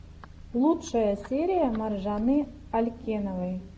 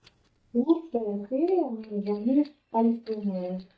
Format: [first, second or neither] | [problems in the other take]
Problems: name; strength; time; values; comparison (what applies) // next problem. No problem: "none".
first | noise reduction (neural mask model DeepFilterNet 3)